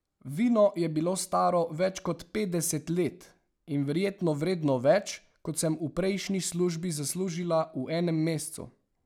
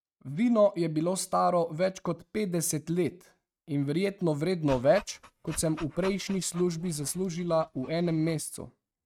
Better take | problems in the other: first | noise reduction (neural mask model RNNoise)

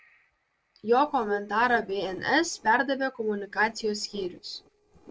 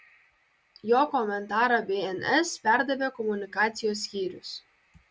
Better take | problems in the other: second | noise reduction (neural separator model SepFormer DNS4)

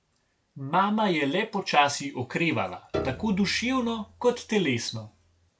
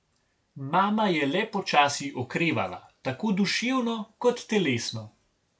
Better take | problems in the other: second | background sound (Piano); 12 dB below the speech

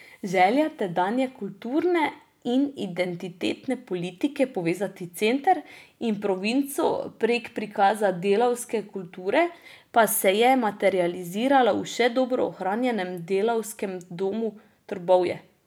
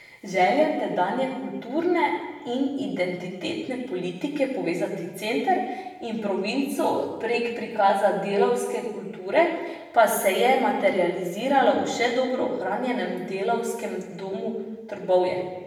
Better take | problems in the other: first | room echo; dies away in 1.1 s

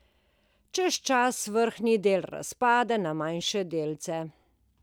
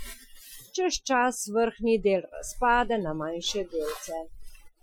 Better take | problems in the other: first | noise reduction (classical method Wiener filter)

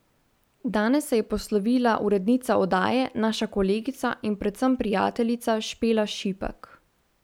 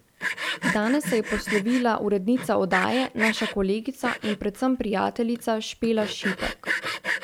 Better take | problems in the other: first | background sound (Sawing); 6 dB below the speech

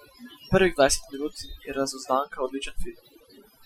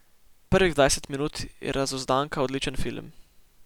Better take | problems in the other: second | noise reduction (classical method Wiener filter)

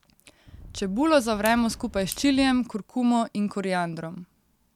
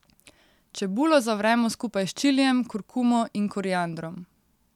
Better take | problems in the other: second | background sound (Wind + Clock); 18 dB below the speech

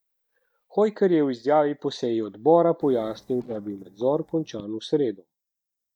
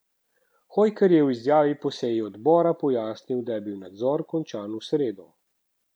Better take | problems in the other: second | noise reduction (neural mask model DeepFilterNet 3)

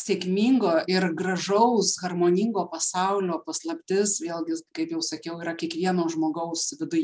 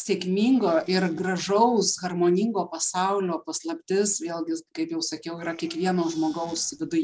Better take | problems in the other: first | noise reduction (neural separator model SepFormer DNS4)

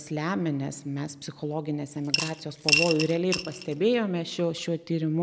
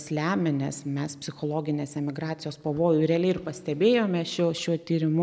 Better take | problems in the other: second | background sound (Coin (dropping) / Glass); 2 dB below the speech

